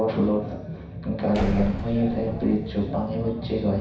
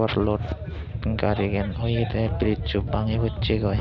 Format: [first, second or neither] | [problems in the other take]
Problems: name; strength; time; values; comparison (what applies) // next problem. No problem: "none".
second | background sound (Slam); 8 dB below the speech // room echo; dies away in 0.6 s